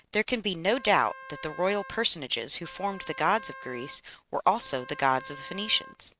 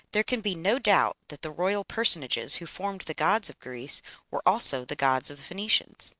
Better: second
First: background sound (Wind instrument, woodwind instrument); 16 dB below the speech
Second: none

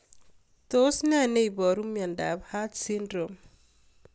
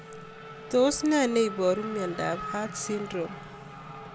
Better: first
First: none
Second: background sound (Race car, auto racing / Accelerating, revving, vroom); 11 dB below the speech

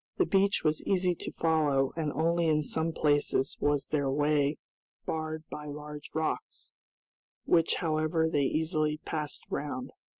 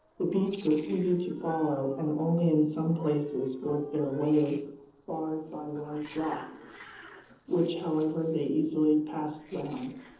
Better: first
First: none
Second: noise reduction (neural separator model SepFormer DNS4)

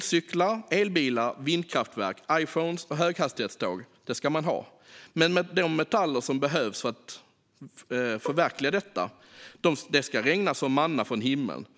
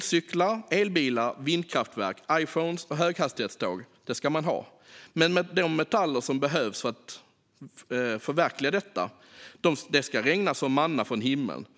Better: second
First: background sound (Bowed string instrument); 15 dB below the speech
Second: none

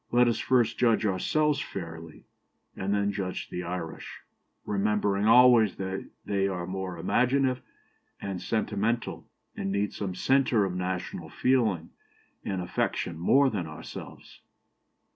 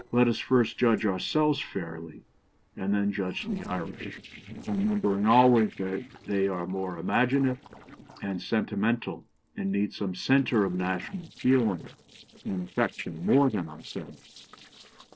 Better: first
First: none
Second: noise reduction (neural separator model SepFormer DNS4)

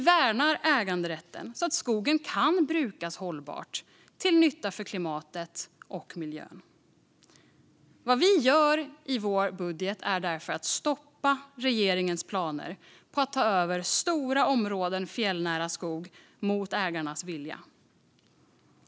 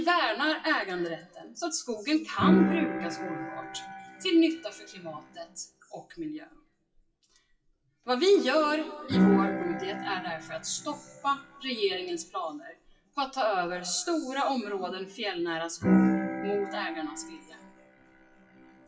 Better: first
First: none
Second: noise reduction (classical method WPE with log-MMSE)

